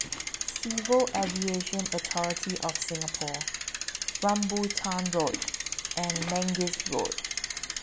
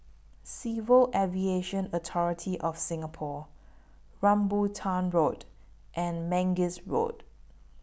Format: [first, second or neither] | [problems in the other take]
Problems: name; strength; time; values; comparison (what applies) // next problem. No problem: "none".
second | background sound (Bicycle); 2 dB below the speech